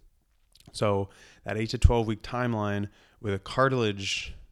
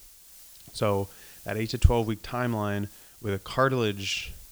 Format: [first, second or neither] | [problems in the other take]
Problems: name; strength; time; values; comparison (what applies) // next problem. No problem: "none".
first | hiss; noticeable; throughout; 20 dB below the speech